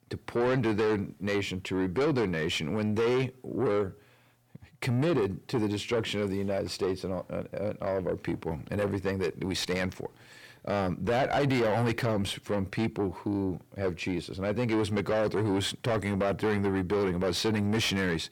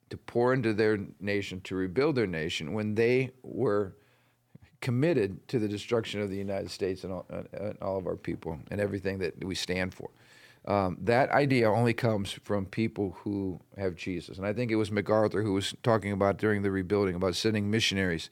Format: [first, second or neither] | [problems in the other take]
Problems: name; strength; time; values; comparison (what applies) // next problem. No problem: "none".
second | distortion; heavy; 7 dB below the speech